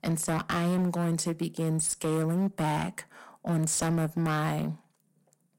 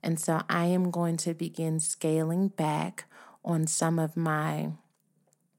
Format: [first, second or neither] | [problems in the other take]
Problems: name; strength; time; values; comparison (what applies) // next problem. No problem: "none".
second | distortion; slight; 12% of the sound clipped